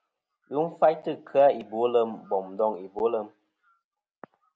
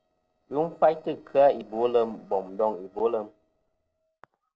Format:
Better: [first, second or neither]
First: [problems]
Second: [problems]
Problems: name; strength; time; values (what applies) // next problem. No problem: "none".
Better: first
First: none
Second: noise reduction (neural separator model SepFormer DNS4)